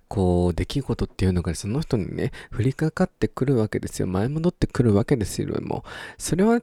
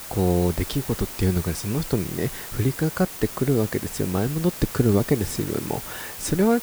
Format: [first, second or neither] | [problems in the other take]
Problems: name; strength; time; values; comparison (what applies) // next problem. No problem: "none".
first | hiss; loud; throughout; 9 dB below the speech